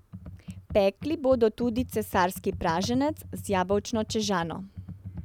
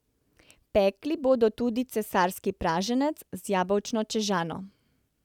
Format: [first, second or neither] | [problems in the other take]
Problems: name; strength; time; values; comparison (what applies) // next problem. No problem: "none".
second | background sound (Computer keyboard); 13 dB below the speech